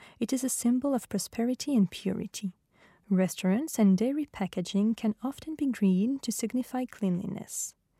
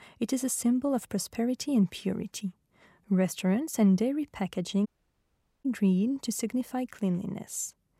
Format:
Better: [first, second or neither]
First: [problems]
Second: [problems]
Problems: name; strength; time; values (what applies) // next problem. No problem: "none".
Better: first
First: none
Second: audio cutting out; at 5 s for 1 s